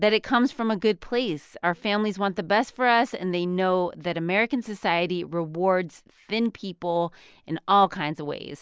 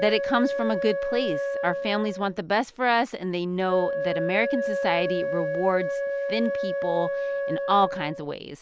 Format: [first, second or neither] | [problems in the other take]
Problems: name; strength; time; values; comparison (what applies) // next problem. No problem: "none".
first | background sound (Wind instrument, woodwind instrument); 2 dB below the speech